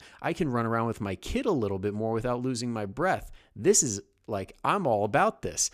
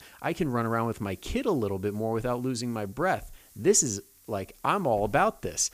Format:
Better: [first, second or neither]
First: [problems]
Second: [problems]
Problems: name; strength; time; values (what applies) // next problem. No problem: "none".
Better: first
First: none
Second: hiss; faint; throughout; 25 dB below the speech